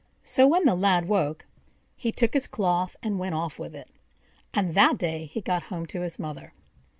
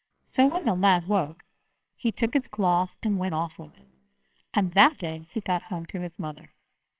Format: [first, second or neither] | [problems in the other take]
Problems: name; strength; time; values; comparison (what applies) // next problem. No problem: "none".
first | noise reduction (neural separator model SepFormer WHAMR!)